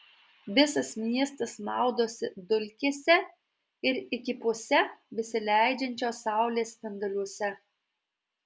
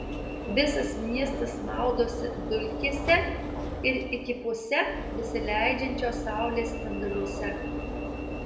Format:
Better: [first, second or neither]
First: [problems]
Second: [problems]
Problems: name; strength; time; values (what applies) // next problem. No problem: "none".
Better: first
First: none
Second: background sound (Alarm / Engine / Train); 4 dB below the speech // room echo; dies away in 0.8 s